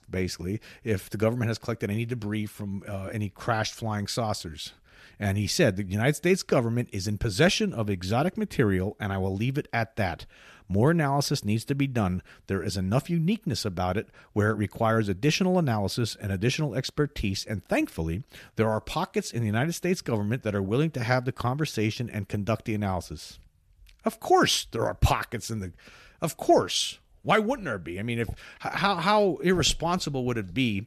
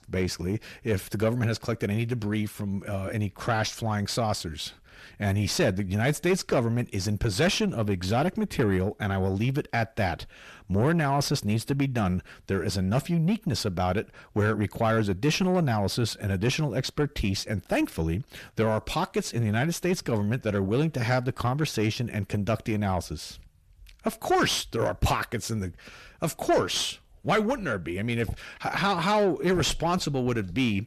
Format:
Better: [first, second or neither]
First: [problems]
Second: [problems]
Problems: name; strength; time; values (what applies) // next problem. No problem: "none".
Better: first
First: none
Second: distortion; slight; 10 dB below the speech